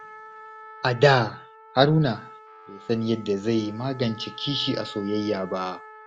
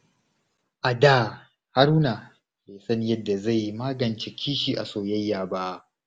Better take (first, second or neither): second